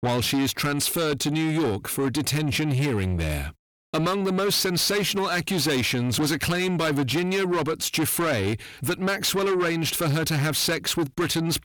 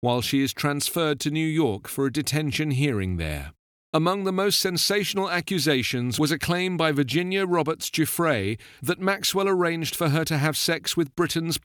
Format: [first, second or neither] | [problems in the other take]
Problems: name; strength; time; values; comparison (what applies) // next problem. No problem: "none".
second | distortion; heavy; 7 dB below the speech